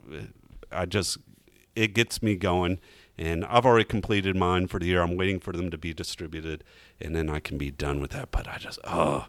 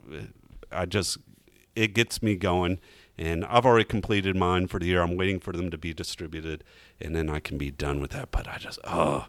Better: neither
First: none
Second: none

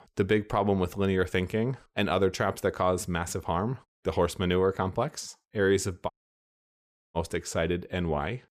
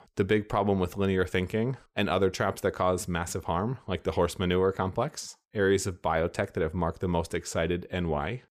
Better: second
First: audio cutting out; at 4 s and at 6 s for 1 s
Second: none

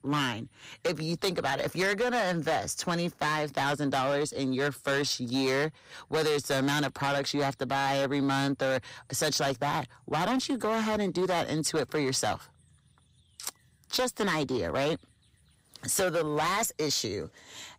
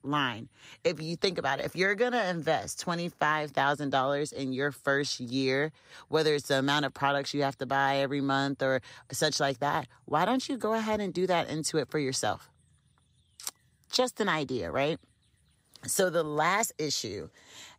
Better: second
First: distortion; heavy; 14% of the sound clipped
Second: none

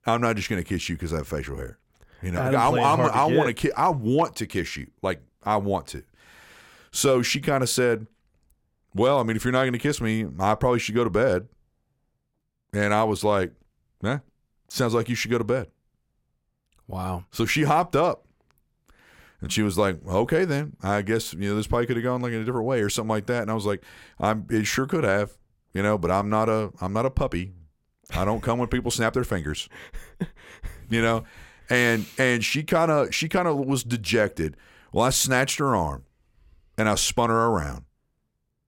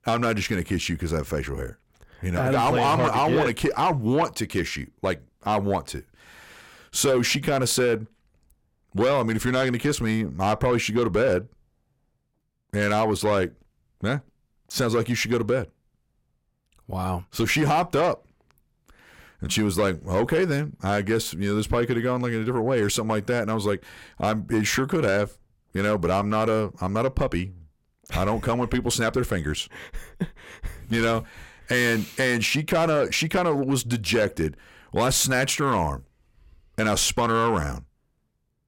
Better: first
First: none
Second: distortion; slight; 10 dB below the speech

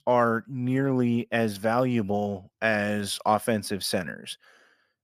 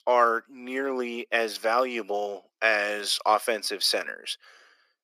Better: first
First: none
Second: thin; somewhat; fading below 300 Hz

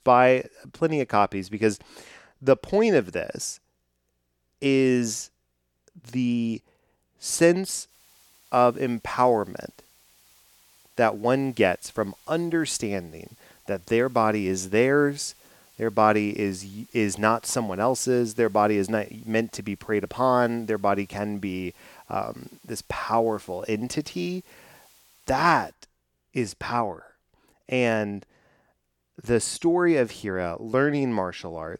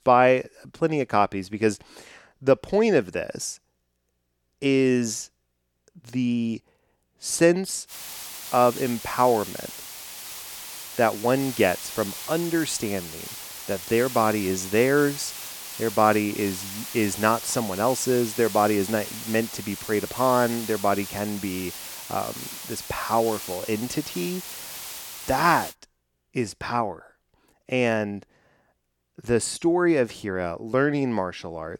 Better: first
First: hiss; faint; from 8 to 26 s; 30 dB below the speech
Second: hiss; loud; from 8 to 26 s; 10 dB below the speech

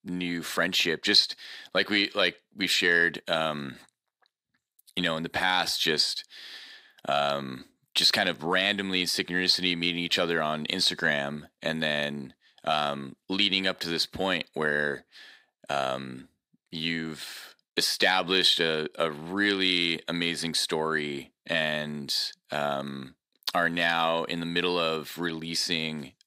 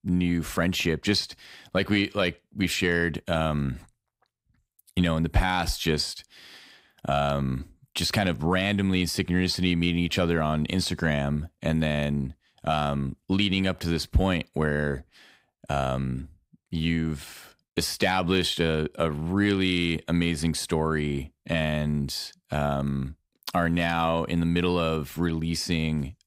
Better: second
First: thin; somewhat; fading below 300 Hz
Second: none

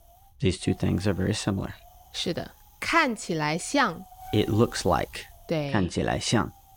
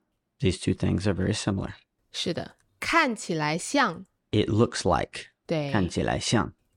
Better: second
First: wind noise on the microphone; occasional gusts; 20 dB below the speech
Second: none

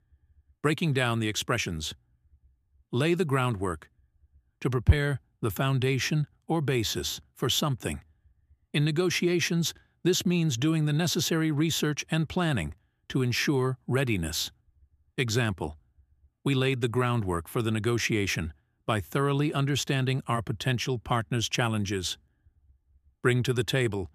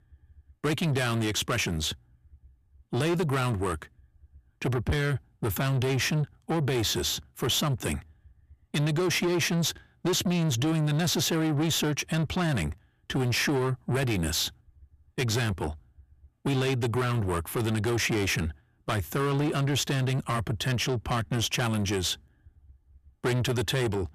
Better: first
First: none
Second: distortion; heavy; 7 dB below the speech

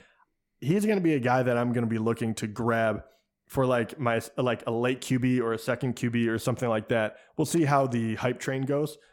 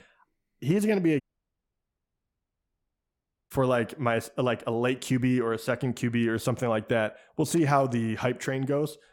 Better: first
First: none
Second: audio cutting out; at 1 s for 2.5 s

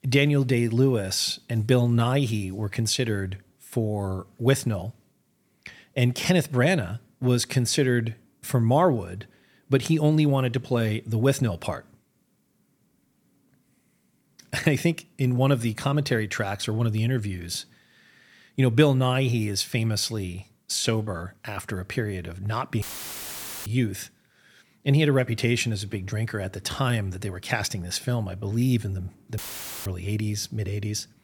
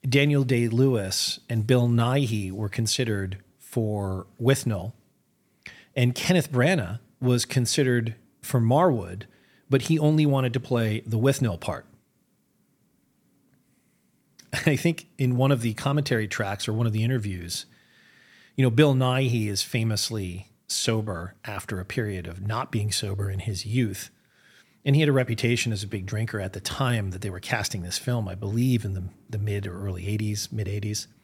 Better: second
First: audio cutting out; filled with static; at 23 s for 1 s and at 29 s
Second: none

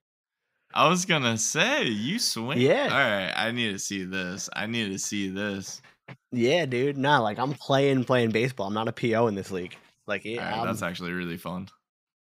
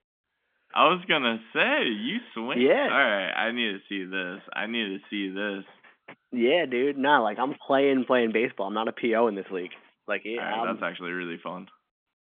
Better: first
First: none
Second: phone-call audio; nothing above 3.5 kHz

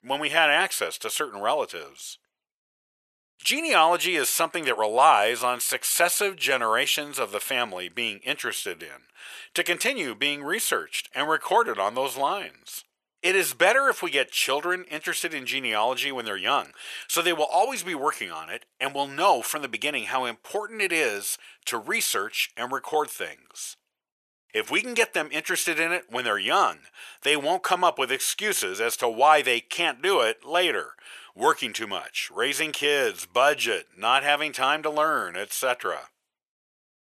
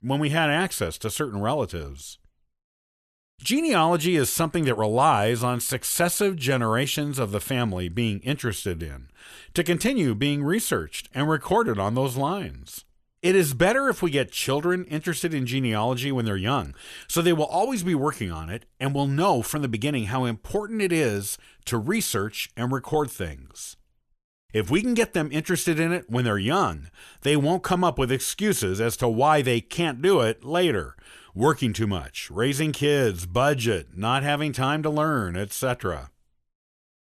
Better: second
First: thin; very; fading below 650 Hz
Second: none

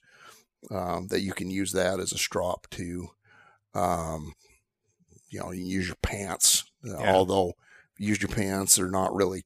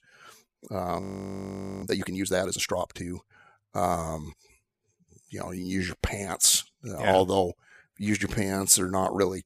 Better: first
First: none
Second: audio freezing; at 1 s for 1 s

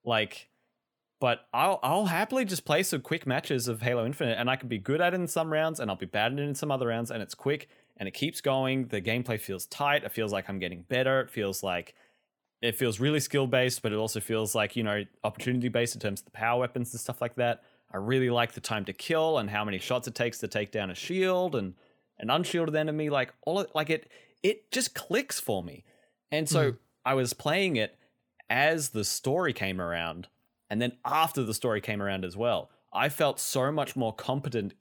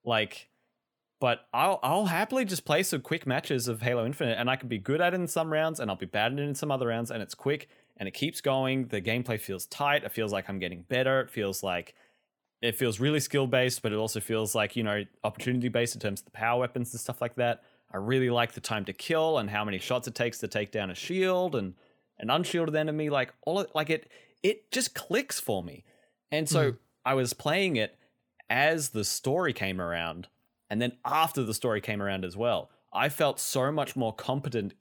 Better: neither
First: none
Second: none

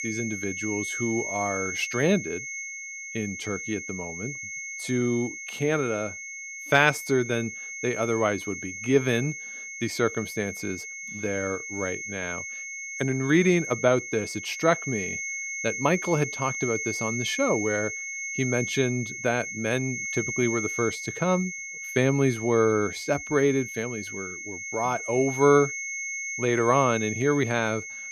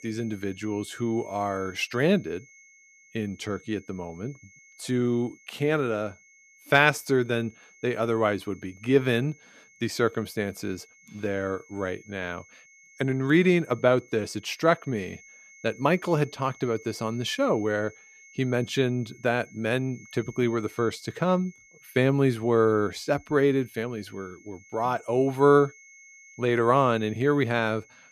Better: second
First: high-pitched whine; loud; throughout; 2 kHz, 6 dB below the speech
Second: high-pitched whine; faint; throughout; 2 kHz, 25 dB below the speech

